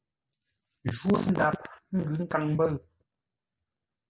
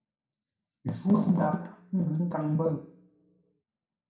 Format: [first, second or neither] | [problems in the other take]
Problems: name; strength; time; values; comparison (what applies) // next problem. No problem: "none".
first | room echo; dies away in 0.5 s